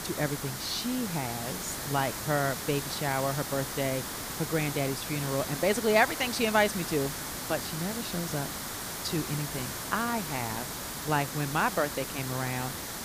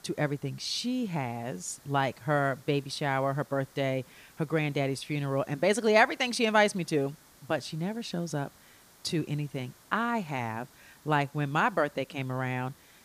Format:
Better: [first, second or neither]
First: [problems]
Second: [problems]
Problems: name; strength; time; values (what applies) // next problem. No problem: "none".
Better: second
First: hiss; loud; throughout; 4 dB below the speech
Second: hiss; faint; throughout; 25 dB below the speech